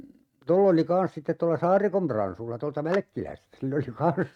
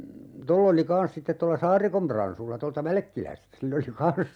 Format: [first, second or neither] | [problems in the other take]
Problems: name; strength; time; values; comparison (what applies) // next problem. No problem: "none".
second | noise reduction (neural mask model RNNoise)